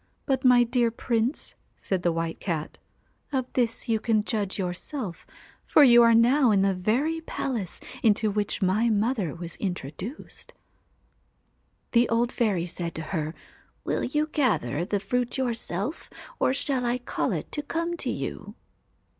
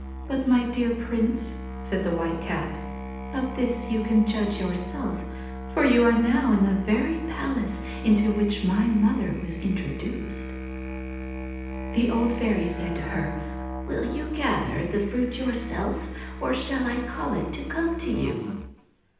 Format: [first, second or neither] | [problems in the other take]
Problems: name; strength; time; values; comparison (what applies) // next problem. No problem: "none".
first | background sound (Musical instrument); 8 dB below the speech // room echo; dies away in 0.9 s